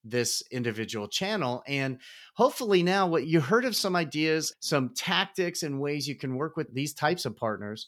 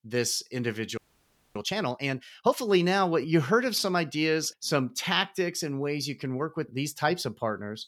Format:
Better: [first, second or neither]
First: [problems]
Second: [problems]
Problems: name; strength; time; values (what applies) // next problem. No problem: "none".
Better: first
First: none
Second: audio freezing; at 1 s for 0.5 s